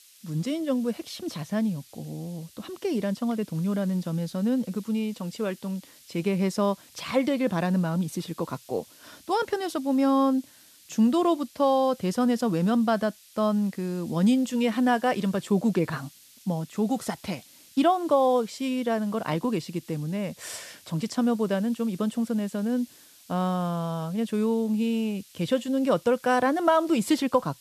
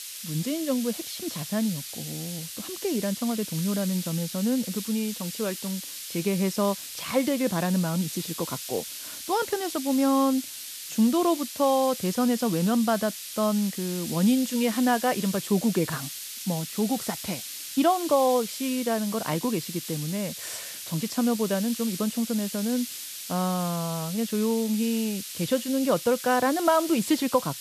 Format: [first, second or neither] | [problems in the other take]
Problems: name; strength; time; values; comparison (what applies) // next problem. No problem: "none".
first | hiss; loud; throughout; 8 dB below the speech; faint in the first